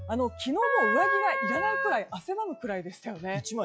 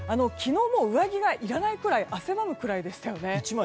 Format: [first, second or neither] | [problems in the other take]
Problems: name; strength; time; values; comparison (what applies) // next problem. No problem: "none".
second | noise reduction (classical method log-MMSE)